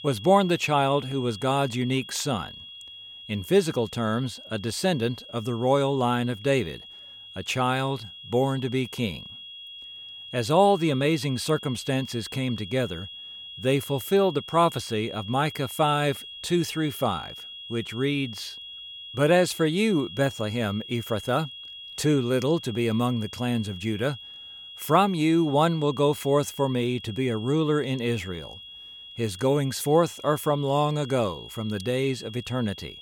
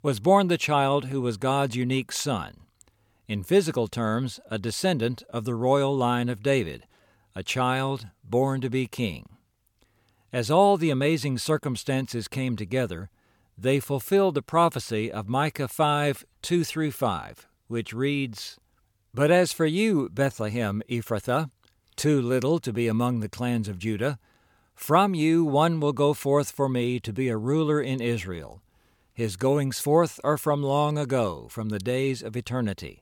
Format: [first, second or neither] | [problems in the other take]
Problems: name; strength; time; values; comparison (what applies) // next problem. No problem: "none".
second | high-pitched whine; noticeable; throughout; 3.5 kHz, 15 dB below the speech